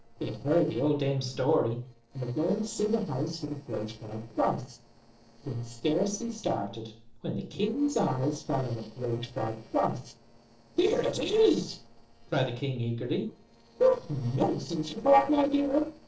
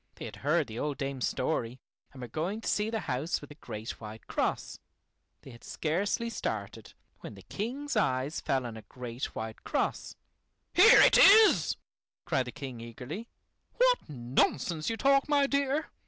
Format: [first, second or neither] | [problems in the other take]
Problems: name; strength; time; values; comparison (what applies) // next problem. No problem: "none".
second | noise reduction (neural separator model SepFormer DNS4)